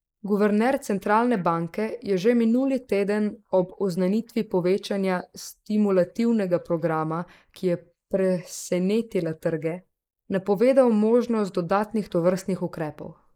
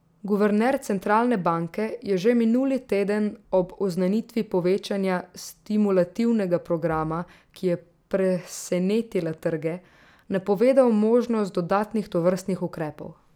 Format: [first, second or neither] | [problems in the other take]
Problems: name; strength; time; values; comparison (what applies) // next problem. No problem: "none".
second | noise reduction (neural mask model Resemble Enhance denoiser)